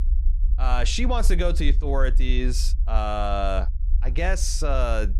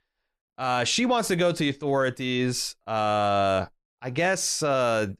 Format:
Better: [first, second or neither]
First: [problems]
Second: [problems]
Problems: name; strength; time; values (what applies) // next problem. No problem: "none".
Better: second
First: low rumble; faint; throughout; 20 dB below the speech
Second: none